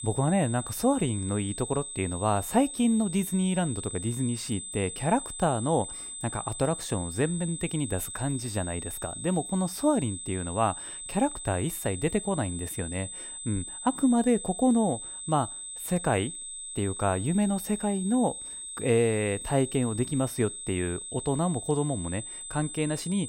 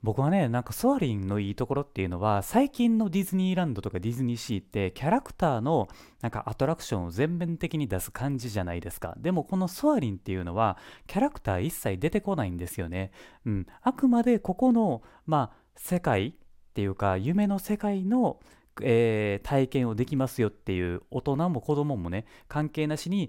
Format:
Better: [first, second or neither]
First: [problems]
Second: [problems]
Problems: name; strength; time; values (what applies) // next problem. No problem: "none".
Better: second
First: high-pitched whine; loud; throughout; 8 kHz, 8 dB below the speech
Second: none